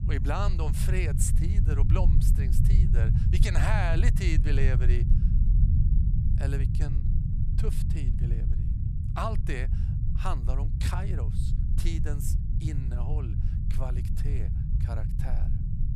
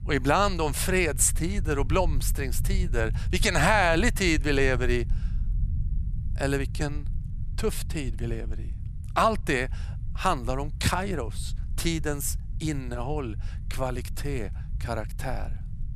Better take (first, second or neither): second